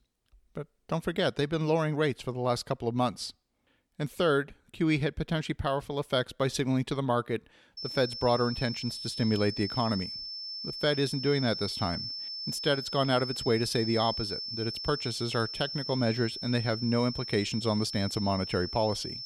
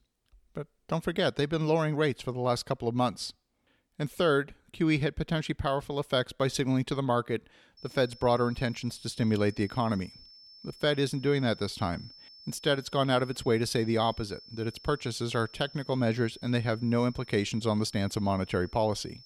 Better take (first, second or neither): second